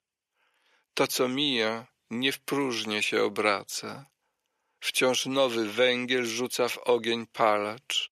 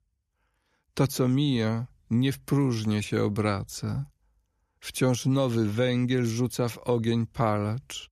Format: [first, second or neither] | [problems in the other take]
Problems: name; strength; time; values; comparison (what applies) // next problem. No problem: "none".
second | thin; somewhat; fading below 450 Hz